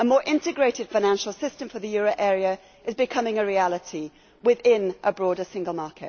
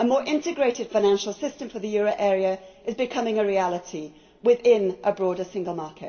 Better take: first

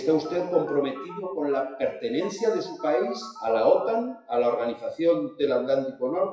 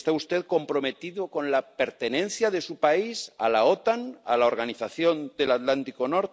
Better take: second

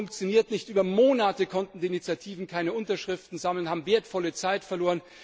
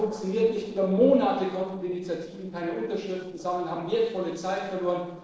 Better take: first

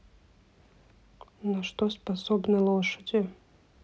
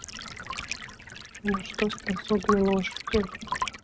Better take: first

